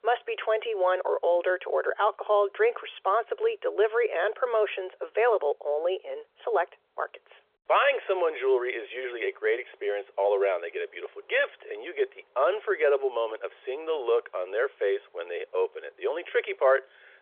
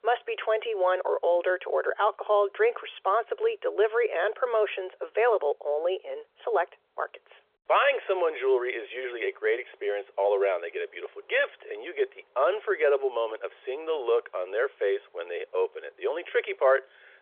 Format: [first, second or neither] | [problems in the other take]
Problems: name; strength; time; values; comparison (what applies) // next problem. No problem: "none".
neither | phone-call audio; nothing above 3.5 kHz; the same in both